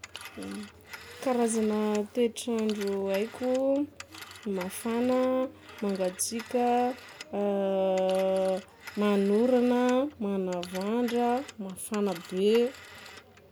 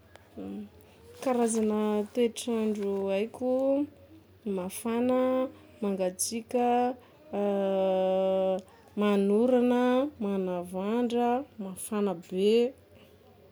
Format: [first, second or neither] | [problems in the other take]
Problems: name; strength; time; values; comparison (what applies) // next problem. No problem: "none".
second | background sound (Telephone); 19 dB below the speech